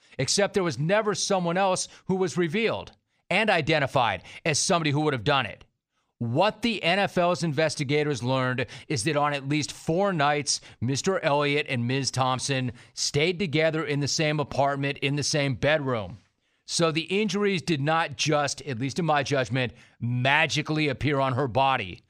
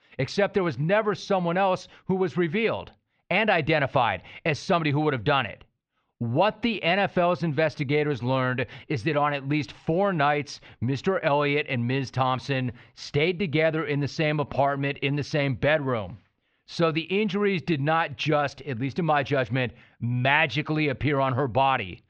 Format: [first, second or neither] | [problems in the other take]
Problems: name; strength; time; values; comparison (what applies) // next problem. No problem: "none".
first | muffled; slightly; fading above 3 kHz